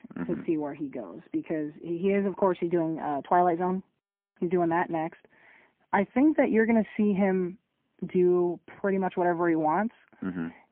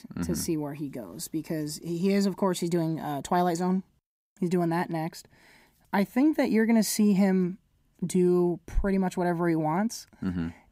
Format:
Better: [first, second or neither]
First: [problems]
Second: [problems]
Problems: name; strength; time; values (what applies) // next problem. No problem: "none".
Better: second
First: phone-call audio; poor line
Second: none